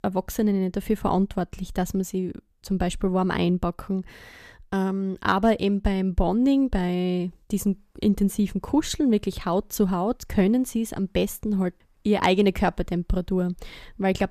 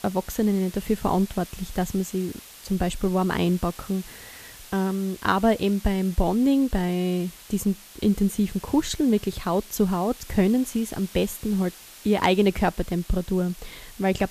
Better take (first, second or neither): first